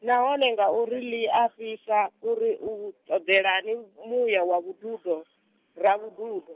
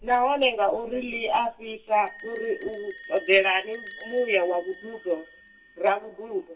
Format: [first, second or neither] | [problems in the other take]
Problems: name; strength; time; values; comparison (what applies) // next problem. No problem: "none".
first | background sound (Bell); 19 dB below the speech // room echo; dies away in 0.2 s